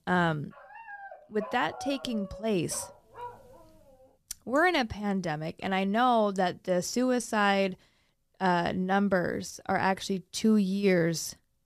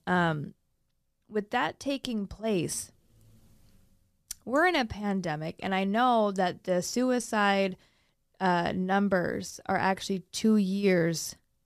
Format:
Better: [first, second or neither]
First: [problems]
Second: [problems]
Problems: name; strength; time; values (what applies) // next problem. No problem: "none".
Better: second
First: dog barking; faint; from 0.5 to 3.5 s; peak 15 dB below the speech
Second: none